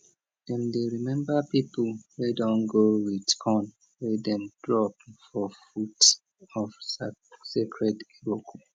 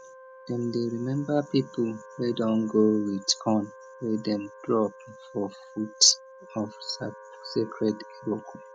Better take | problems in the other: first | background sound (Wind instrument, woodwind instrument); 19 dB below the speech

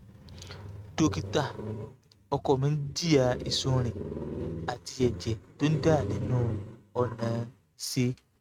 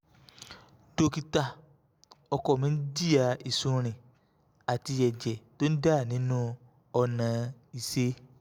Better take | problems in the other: second | noise reduction (neural mask model RNNoise)

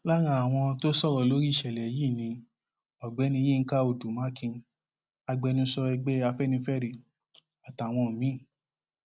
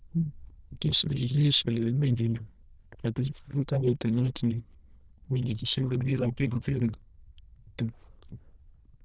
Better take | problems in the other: first | noise reduction (neural diffusion model UNIVERSE++)

